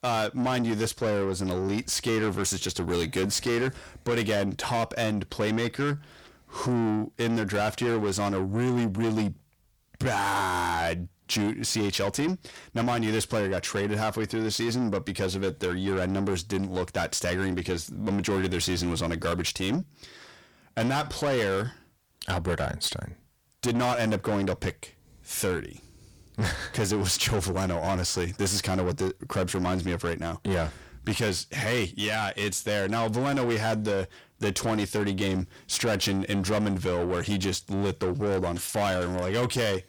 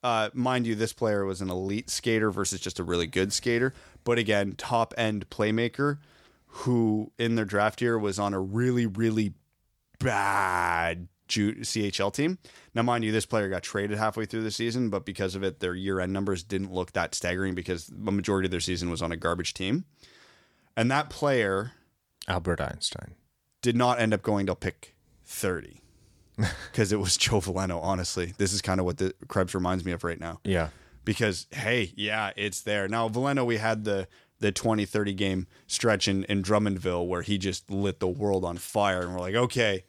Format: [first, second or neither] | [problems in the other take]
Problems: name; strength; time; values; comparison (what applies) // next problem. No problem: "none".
second | distortion; heavy; 7 dB below the speech